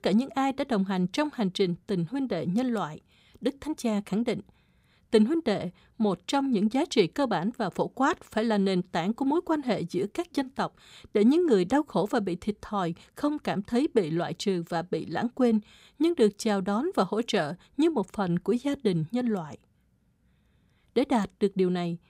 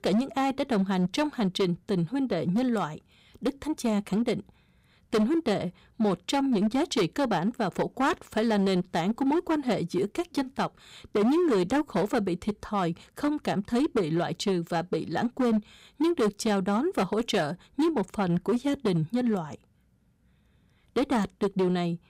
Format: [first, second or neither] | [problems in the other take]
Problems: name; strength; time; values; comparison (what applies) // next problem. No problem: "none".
first | distortion; slight; 10% of the sound clipped